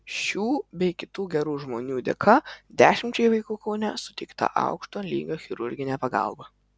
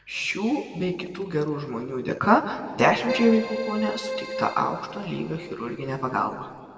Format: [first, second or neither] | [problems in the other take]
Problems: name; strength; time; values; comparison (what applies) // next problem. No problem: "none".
first | background sound (Keyboard (musical)); 8 dB below the speech // room echo; dies away in 2.1 s